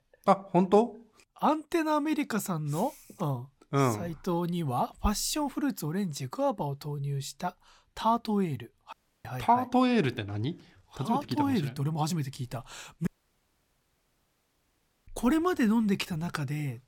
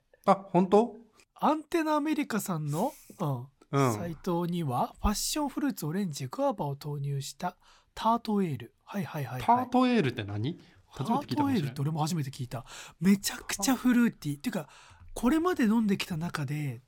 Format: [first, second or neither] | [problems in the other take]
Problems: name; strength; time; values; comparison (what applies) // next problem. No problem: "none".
second | audio cutting out; at 9 s and at 13 s for 2 s